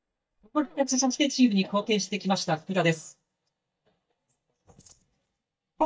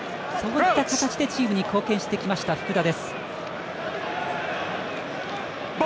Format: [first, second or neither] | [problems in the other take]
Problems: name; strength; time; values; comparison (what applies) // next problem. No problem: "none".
second | noise reduction (neural mask model DeepFilterNet 3)